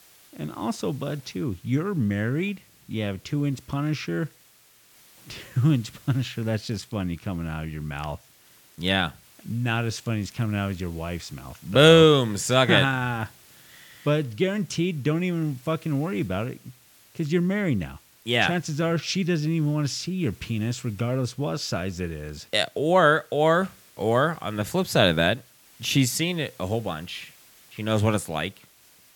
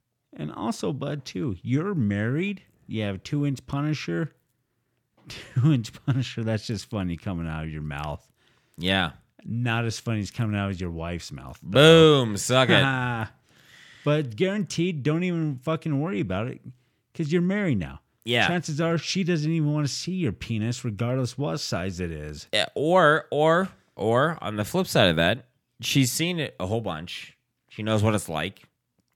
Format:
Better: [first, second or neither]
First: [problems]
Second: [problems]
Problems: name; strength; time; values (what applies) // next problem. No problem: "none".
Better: second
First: hiss; faint; throughout; 25 dB below the speech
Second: none